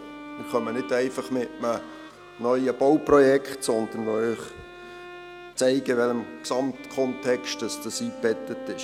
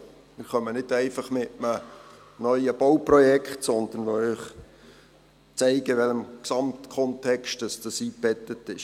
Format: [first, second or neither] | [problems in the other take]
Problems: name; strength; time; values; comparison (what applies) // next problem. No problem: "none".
second | background sound (Bowed string instrument); 15 dB below the speech